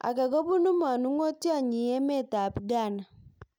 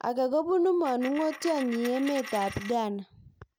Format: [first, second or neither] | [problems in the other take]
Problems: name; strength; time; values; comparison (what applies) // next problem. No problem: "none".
first | background sound (Coin (dropping)); 14 dB below the speech